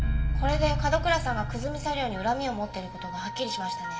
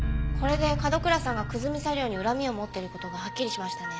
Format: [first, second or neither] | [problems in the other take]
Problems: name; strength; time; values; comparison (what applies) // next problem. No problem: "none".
second | room echo; dies away in 1.3 s